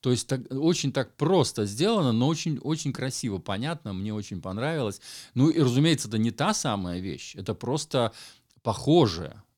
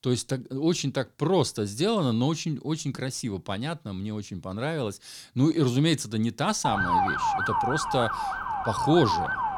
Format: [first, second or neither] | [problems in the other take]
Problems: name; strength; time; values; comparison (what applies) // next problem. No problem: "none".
first | siren; loud; from 6.5 s on; peak 3 dB above the speech